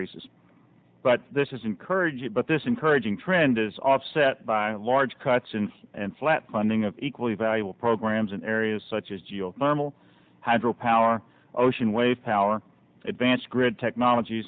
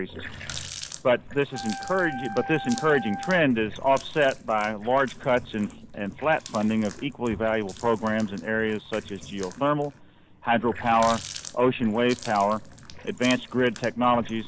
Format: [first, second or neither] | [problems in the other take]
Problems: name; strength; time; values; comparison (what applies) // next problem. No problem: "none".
first | background sound (Water tap, faucet + Wind instrument, woodwind instrument); 14 dB below the speech